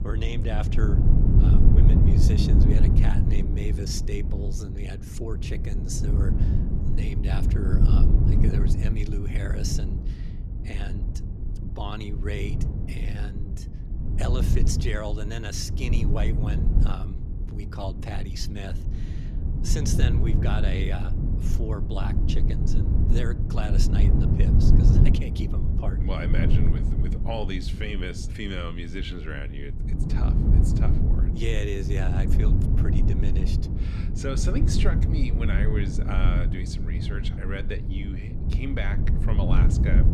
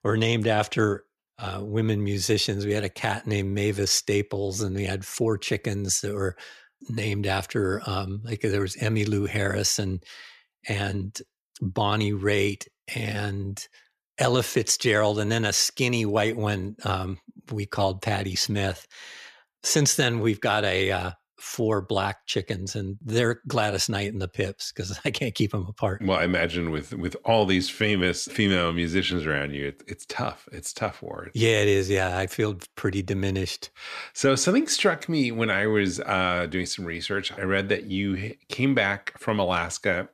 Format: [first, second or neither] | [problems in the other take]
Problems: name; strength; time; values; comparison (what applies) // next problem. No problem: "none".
second | low rumble; loud; throughout; 1 dB below the speech